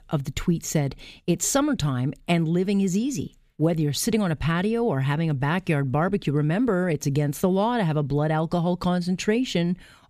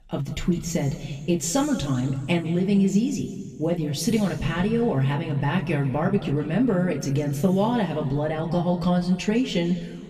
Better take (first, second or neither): first